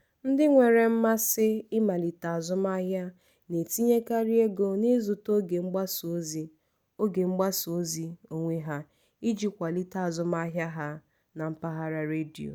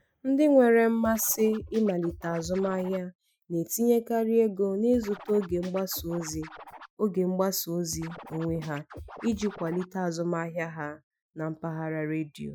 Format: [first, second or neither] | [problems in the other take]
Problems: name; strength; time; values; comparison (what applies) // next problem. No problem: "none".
first | noise reduction (classical method Wiener filter)